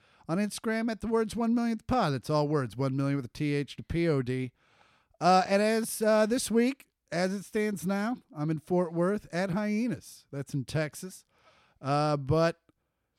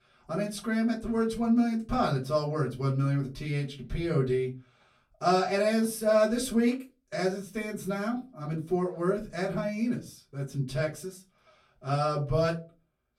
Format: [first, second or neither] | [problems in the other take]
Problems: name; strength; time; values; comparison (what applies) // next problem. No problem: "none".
first | off-mic speech; far // room echo; very slight; dies away in 0.2 s